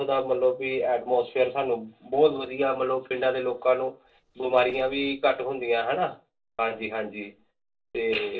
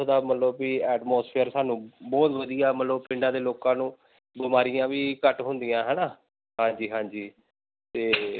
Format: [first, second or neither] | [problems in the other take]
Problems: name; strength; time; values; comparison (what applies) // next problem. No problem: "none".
second | noise reduction (neural separator model SepFormer DNS4)